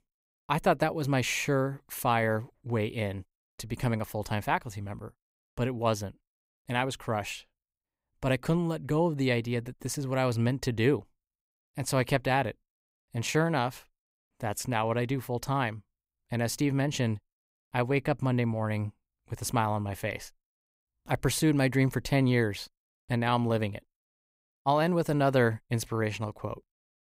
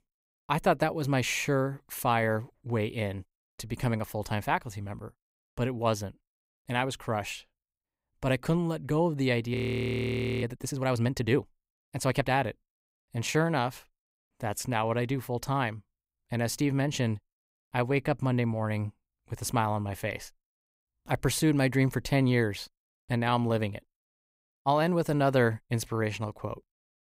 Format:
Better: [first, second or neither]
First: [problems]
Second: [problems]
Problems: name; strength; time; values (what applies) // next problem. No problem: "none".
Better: first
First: none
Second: audio freezing; at 9.5 s for 1 s